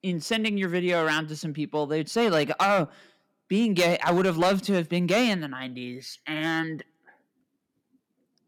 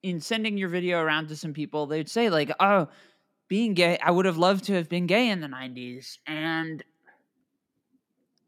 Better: second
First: distortion; slight; 3% of the sound clipped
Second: none

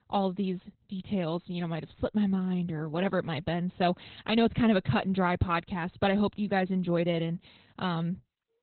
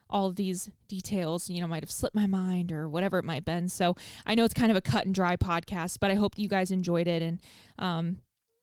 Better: second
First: garbled, watery; badly; nothing above 4 kHz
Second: garbled, watery; slightly

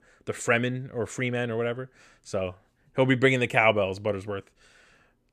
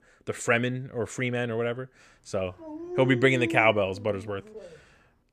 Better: first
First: none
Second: dog barking; noticeable; from 2.5 to 5 s; peak 6 dB below the speech

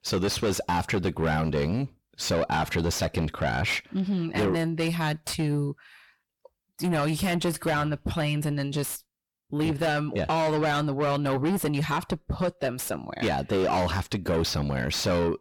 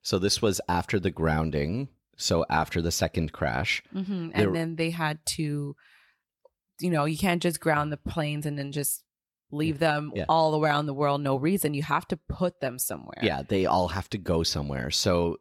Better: second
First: distortion; heavy; 6 dB below the speech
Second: none

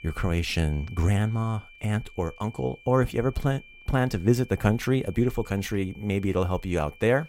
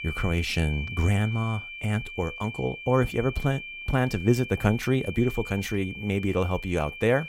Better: first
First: high-pitched whine; faint; throughout; 2.5 kHz, 20 dB below the speech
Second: high-pitched whine; loud; throughout; 2.5 kHz, 10 dB below the speech

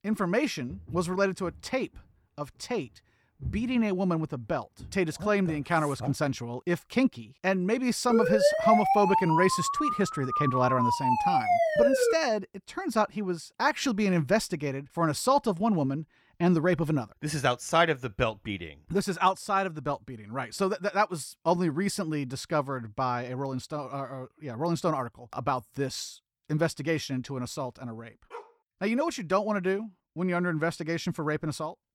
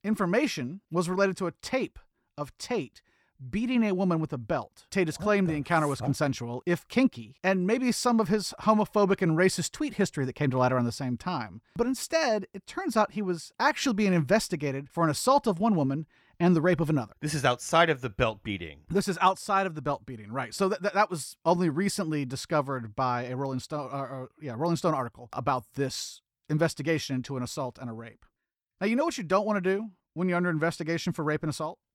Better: second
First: footsteps; noticeable; from 0.5 to 5 s; peak 10 dB below the speech // siren; loud; from 8 to 12 s; peak 6 dB above the speech // dog barking; faint; at 28 s; peak 15 dB below the speech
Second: none

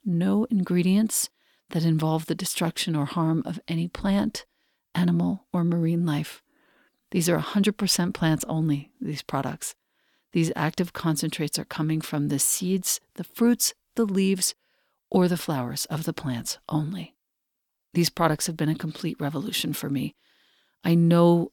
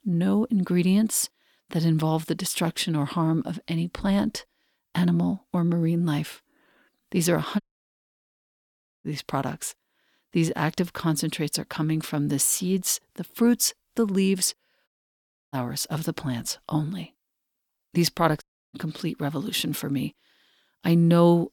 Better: first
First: none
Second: audio cutting out; at 7.5 s for 1.5 s, at 15 s for 0.5 s and at 18 s

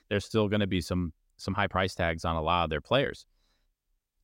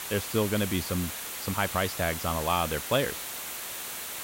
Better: first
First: none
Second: hiss; loud; throughout; 5 dB below the speech

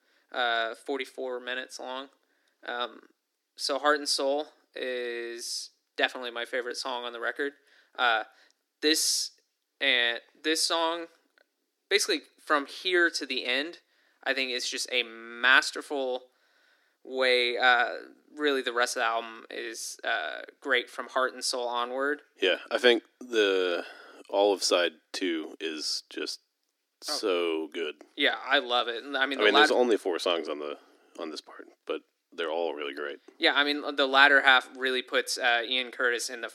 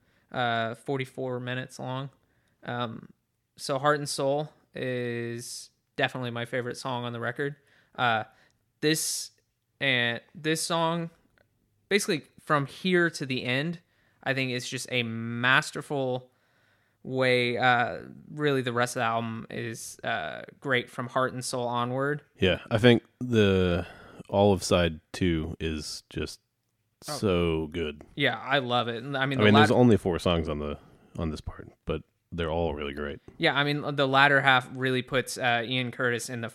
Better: second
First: thin; somewhat; fading below 300 Hz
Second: none

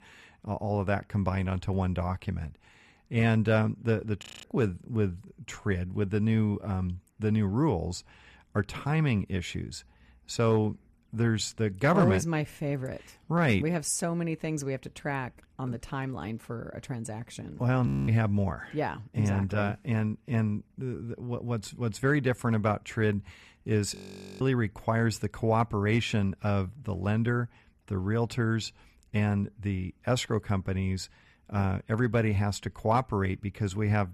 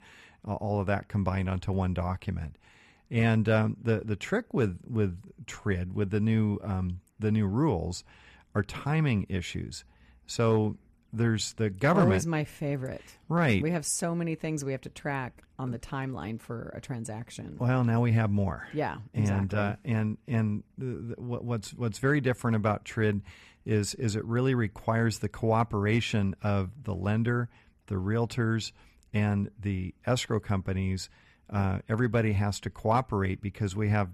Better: second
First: audio freezing; at 4 s, at 18 s and at 24 s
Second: none

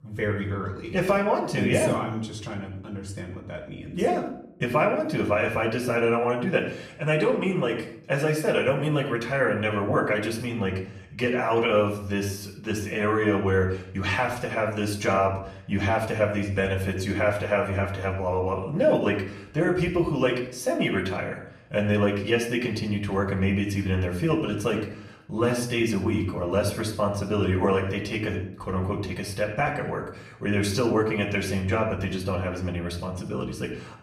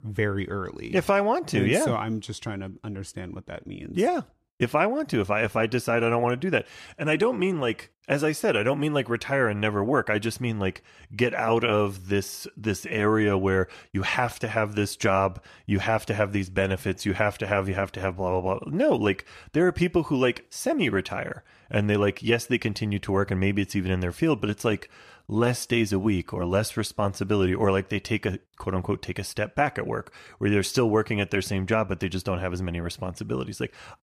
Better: second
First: off-mic speech; far // room echo; slight; dies away in 0.5 s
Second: none

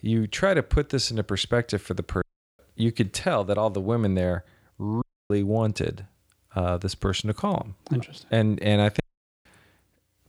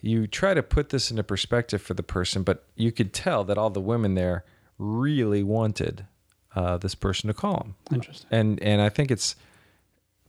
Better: second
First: audio cutting out; at 2 s, at 5 s and at 9 s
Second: none

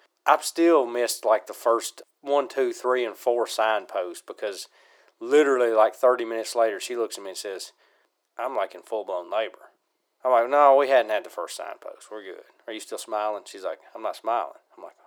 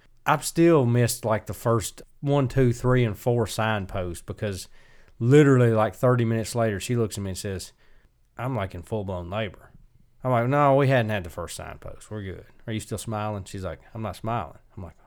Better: second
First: thin; very; fading below 350 Hz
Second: none

